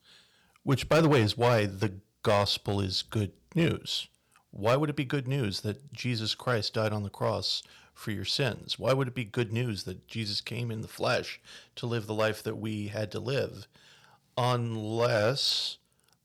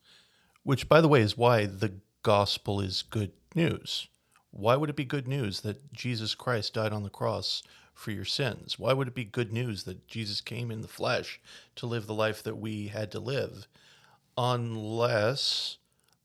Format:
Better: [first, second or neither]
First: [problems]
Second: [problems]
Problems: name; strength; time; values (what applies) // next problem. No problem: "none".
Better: second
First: distortion; slight; 1.9% of the sound clipped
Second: none